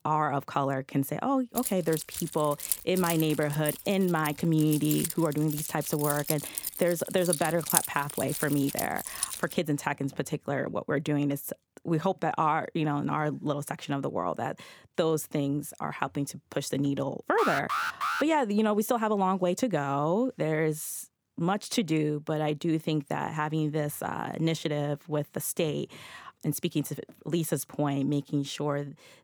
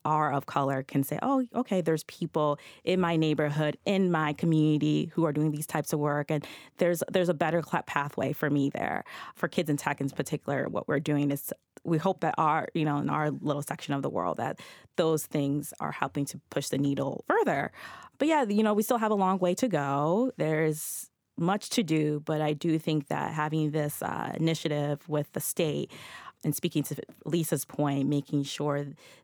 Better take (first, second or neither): second